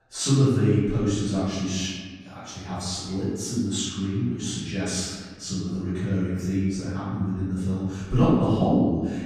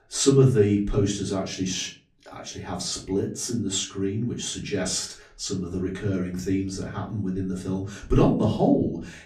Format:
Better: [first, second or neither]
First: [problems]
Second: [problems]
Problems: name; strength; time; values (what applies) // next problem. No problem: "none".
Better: second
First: room echo; strong; dies away in 1.4 s // off-mic speech; far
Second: room echo; slight; dies away in 0.3 s // off-mic speech; far